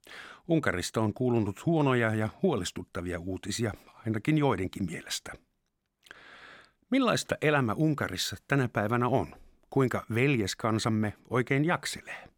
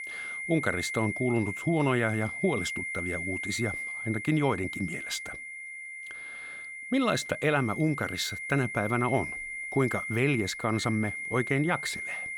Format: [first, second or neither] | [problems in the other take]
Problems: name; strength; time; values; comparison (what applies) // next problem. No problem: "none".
first | high-pitched whine; loud; throughout; 2 kHz, 5 dB below the speech